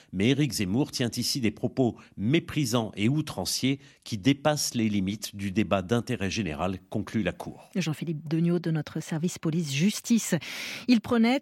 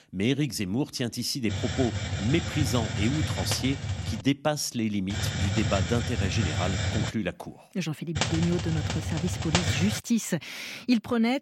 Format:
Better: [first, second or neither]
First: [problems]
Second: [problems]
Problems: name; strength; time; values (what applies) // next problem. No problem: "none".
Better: first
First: none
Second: hiss; loud; from 1.5 to 4 s, from 5 to 7 s and from 8 to 10 s; 1 dB below the speech